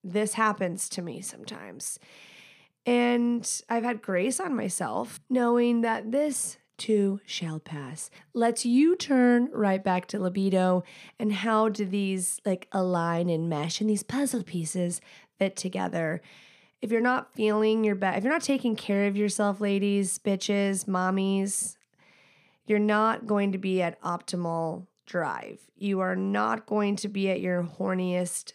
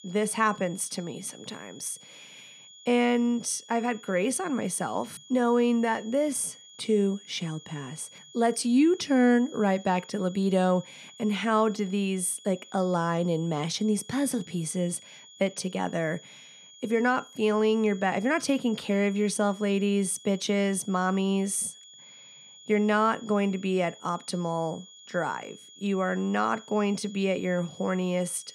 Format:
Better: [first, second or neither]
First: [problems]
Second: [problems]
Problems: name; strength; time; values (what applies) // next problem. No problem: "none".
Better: first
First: none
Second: high-pitched whine; faint; throughout; 3.5 kHz, 20 dB below the speech